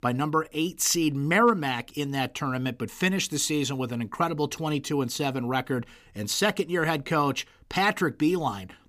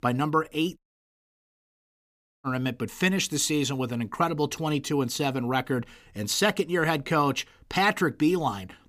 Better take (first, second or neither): first